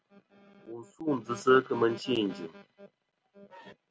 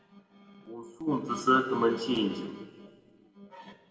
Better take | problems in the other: first | room echo; dies away in 1.6 s

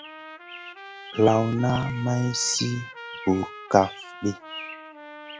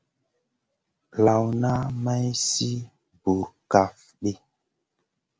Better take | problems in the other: second | background sound (Trumpet + Chirp, tweet); 13 dB below the speech

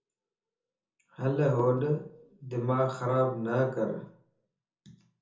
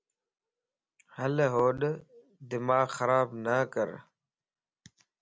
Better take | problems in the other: second | room echo; dies away in 0.6 s

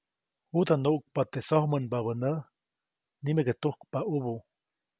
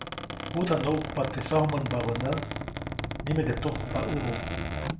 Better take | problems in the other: first | background sound (Squeak); 4 dB below the speech // room echo; dies away in 0.4 s

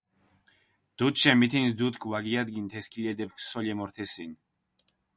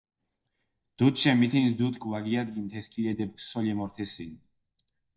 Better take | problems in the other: first | noise reduction (neural mask model DeepFilterNet 3)

